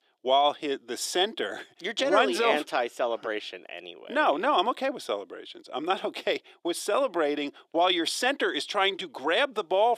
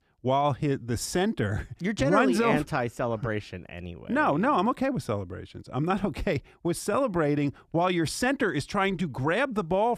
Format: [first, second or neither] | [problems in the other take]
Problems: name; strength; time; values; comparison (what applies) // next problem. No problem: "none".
second | thin; somewhat; fading below 350 Hz